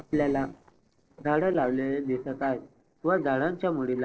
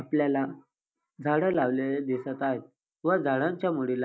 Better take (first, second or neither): second